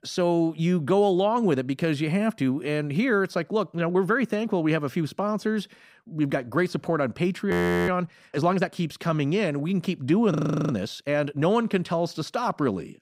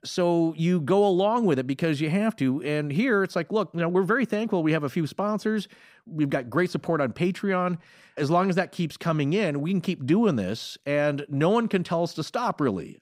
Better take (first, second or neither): second